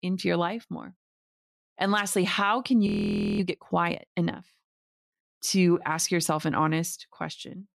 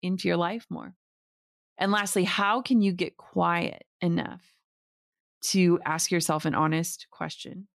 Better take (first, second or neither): second